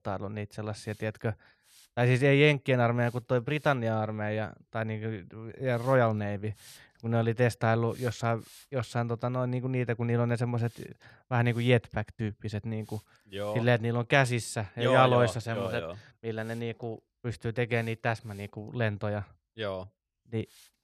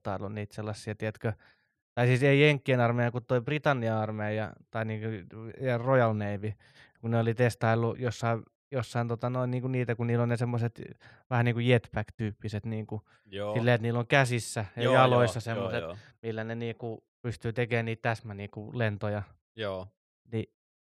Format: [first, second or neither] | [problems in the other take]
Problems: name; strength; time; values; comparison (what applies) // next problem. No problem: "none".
second | hiss; faint; throughout; 30 dB below the speech